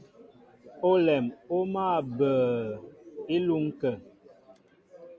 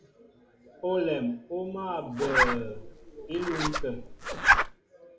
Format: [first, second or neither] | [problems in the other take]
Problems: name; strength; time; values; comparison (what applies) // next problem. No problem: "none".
first | background sound (Zipper (clothing)); 5 dB above the speech // room echo; dies away in 0.4 s